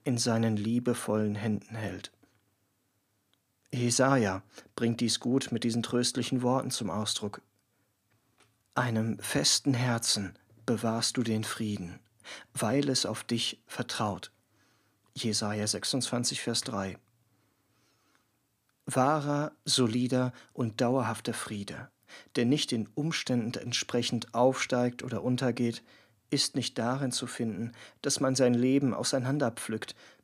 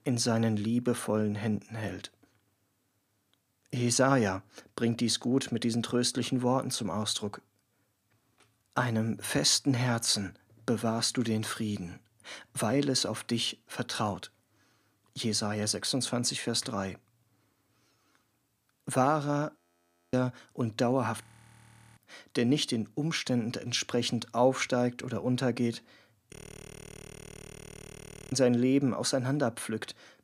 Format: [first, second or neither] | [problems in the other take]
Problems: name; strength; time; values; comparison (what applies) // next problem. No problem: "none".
first | audio freezing; at 20 s for 0.5 s, at 21 s for 0.5 s and at 26 s for 2 s